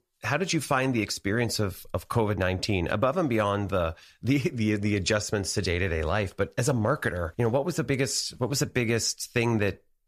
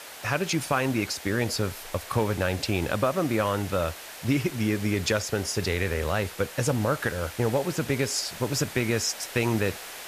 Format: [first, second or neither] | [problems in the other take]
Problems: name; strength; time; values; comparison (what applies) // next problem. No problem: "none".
first | hiss; noticeable; throughout; 10 dB below the speech